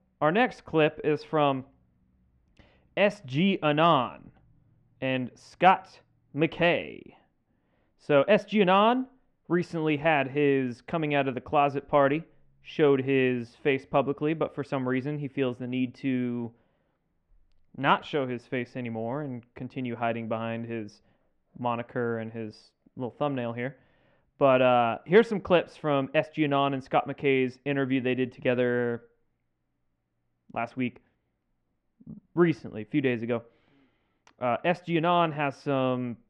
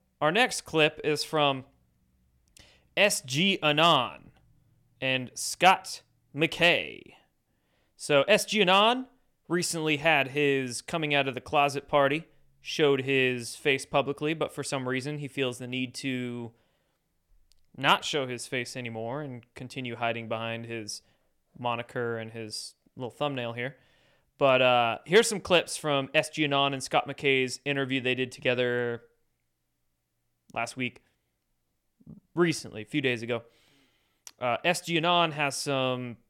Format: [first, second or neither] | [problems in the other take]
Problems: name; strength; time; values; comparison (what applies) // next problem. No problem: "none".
second | muffled; very; fading above 2 kHz